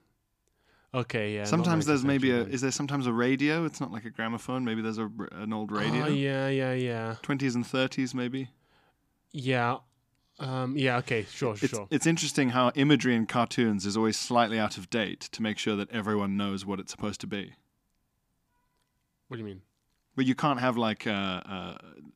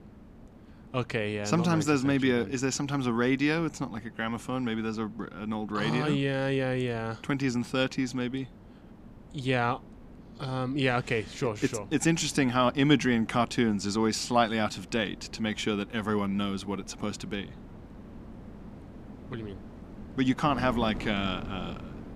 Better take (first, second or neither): first